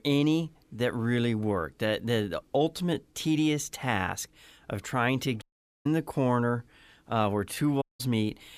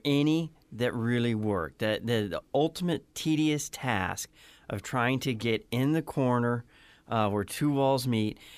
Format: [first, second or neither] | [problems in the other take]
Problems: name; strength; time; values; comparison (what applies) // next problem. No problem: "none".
second | audio cutting out; at 5.5 s and at 8 s